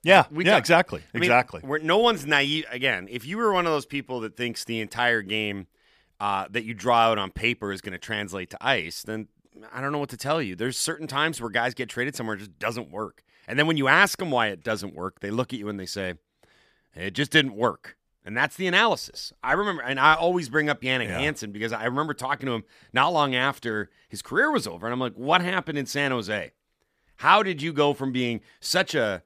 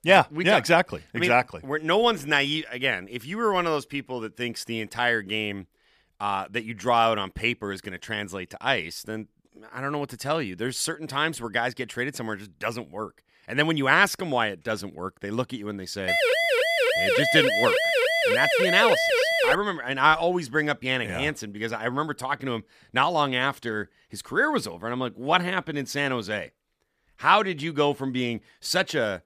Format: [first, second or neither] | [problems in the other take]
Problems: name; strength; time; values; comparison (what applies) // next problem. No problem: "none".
first | siren; loud; from 16 to 20 s; peak 4 dB above the speech